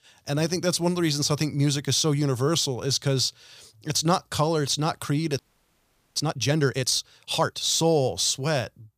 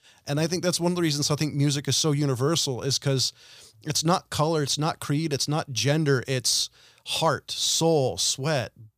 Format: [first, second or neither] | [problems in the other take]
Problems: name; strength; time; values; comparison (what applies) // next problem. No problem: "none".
second | audio freezing; at 5.5 s for 1 s